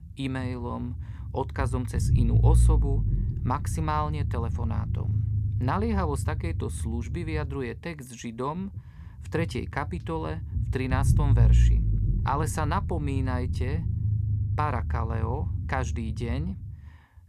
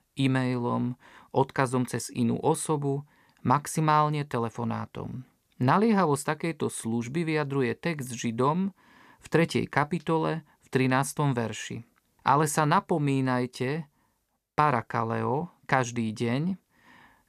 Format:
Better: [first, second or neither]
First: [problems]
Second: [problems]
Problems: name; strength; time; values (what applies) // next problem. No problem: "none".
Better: second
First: low rumble; loud; throughout; 10 dB below the speech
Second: none